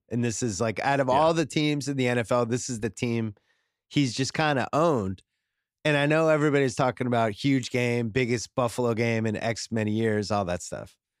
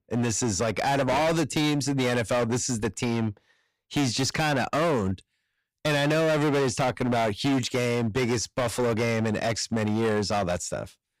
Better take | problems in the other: first | distortion; heavy; 20% of the sound clipped

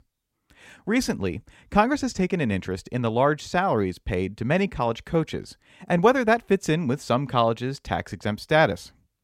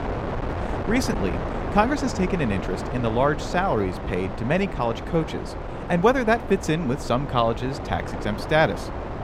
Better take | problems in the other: first | wind noise on the microphone; heavy; 8 dB below the speech

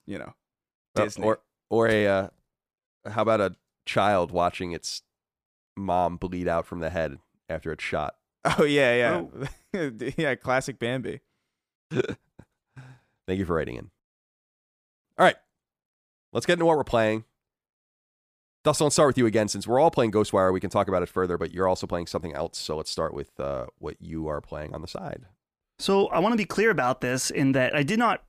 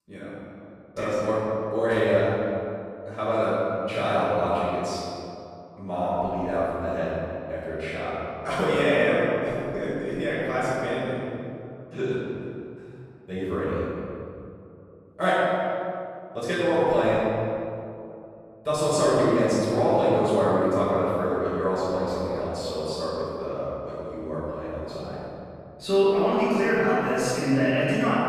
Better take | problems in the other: first | off-mic speech; far // room echo; strong; dies away in 2.3 s

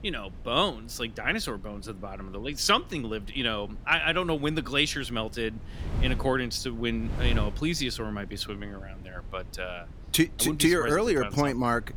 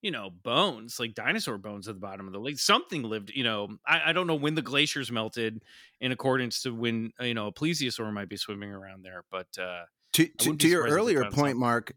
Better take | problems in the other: second | wind noise on the microphone; occasional gusts; 20 dB below the speech

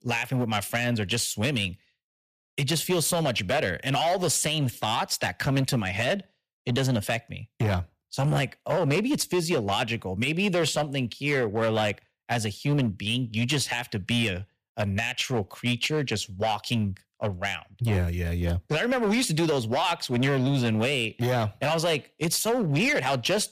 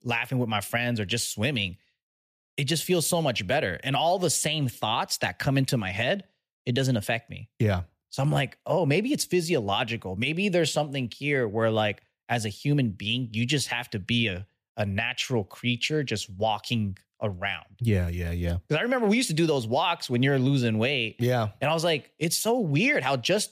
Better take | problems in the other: second | distortion; slight; 11% of the sound clipped

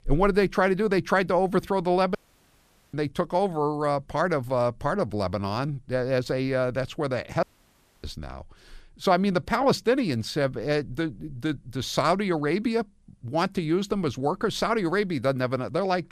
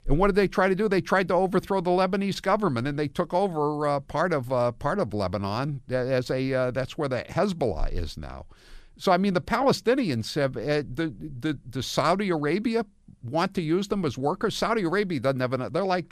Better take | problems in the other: second | audio cutting out; at 2 s for 1 s and at 7.5 s for 0.5 s

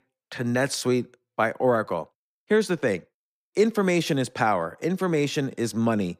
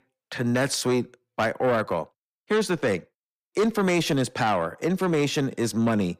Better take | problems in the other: first | distortion; slight; 10 dB below the speech

